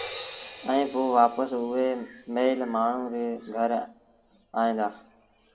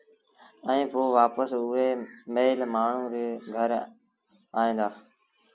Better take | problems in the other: second | background sound (Crash cymbal); 19 dB below the speech // room echo; dies away in 0.5 s

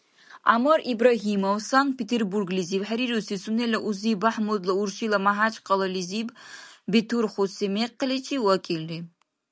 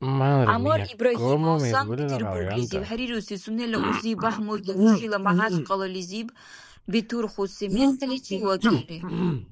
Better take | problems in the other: first | noise reduction (neural mask model Resemble Enhance denoiser)

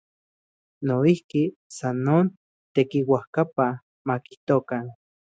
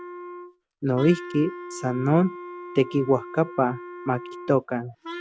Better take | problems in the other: first | background sound (Wind instrument, woodwind instrument); 13 dB below the speech

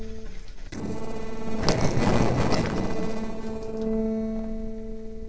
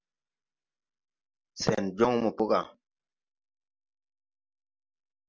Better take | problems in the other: second | noise reduction (neural separator model SepFormer DNS4)

